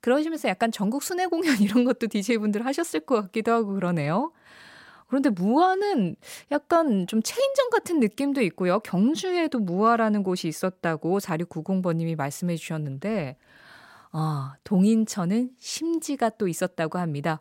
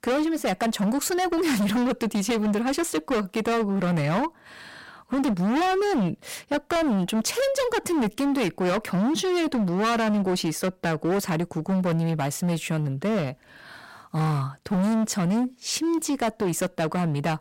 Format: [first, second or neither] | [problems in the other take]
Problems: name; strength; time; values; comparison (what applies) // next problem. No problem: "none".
first | distortion; heavy; 27% of the sound clipped